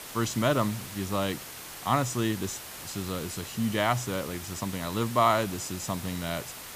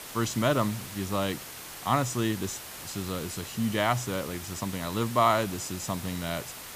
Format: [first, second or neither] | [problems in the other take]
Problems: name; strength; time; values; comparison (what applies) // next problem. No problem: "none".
neither | hiss; noticeable; throughout; 10 dB below the speech; the same in both